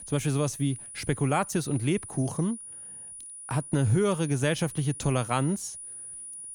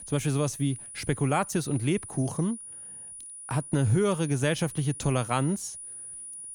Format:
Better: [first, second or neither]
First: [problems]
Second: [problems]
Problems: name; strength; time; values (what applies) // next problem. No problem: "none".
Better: neither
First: high-pitched whine; noticeable; throughout; 9.5 kHz, 10 dB below the speech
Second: high-pitched whine; noticeable; throughout; 9.5 kHz, 10 dB below the speech